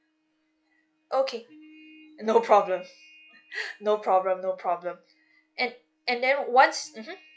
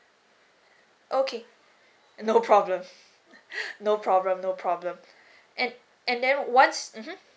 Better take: second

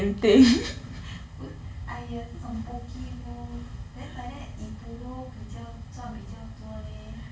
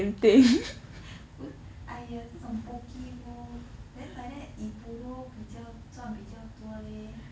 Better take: second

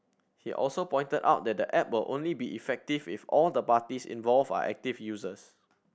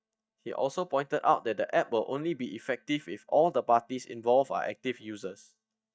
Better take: first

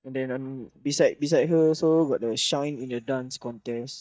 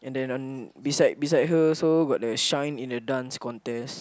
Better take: second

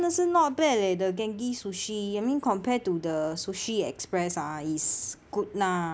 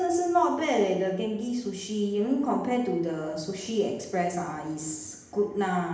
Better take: first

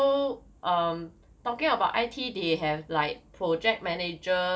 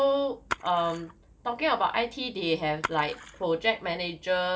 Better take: first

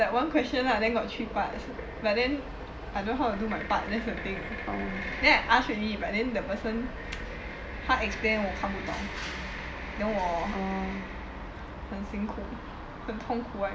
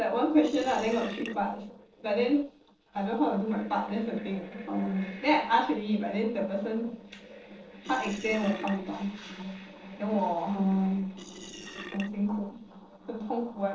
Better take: first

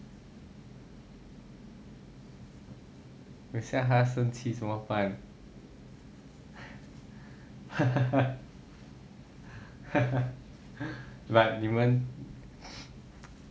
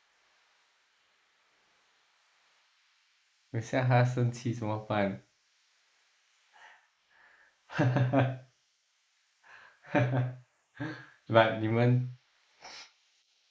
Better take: first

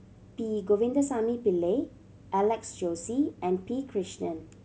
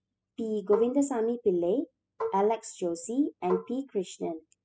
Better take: first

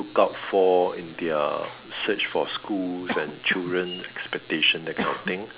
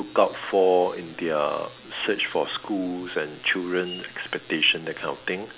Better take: second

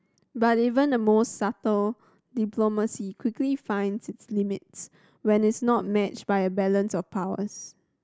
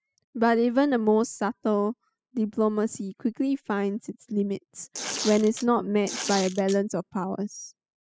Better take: first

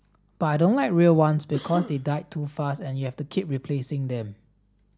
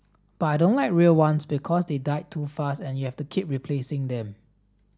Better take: second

